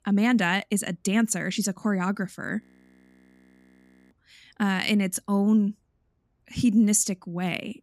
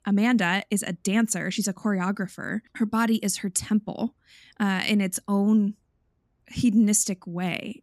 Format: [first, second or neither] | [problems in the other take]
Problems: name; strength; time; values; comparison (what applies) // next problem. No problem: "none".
second | audio freezing; at 2.5 s for 1.5 s